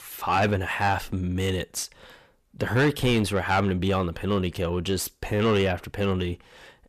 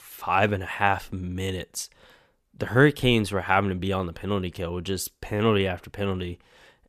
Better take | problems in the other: second | distortion; heavy; 7 dB below the speech

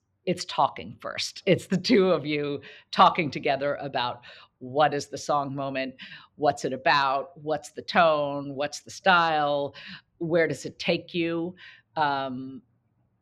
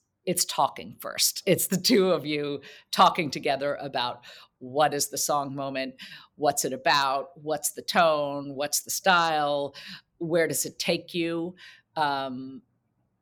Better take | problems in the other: second | muffled; slightly; fading above 3 kHz

